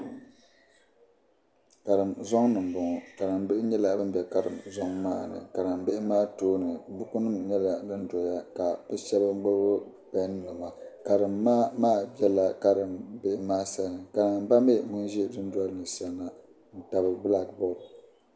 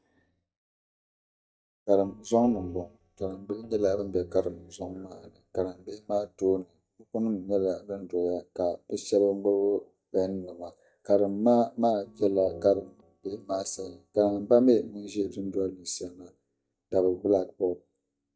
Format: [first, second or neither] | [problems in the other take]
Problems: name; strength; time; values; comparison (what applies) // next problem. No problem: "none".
first | noise reduction (neural mask model DeepFilterNet 3)